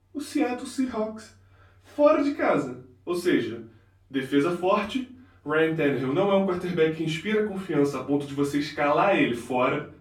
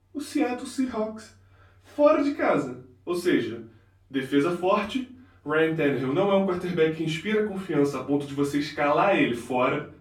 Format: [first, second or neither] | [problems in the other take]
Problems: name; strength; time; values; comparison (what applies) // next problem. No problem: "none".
neither | room echo; slight; dies away in 0.3 s; the same in both // off-mic speech; far; the same in both